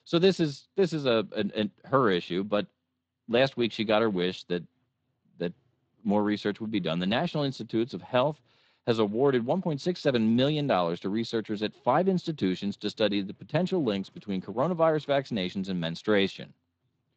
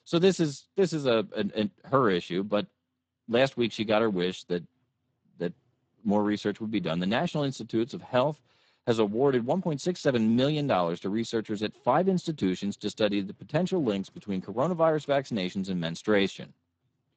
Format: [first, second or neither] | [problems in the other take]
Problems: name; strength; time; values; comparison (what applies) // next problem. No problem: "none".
first | garbled, watery; badly; nothing above 8 kHz; slightly in the first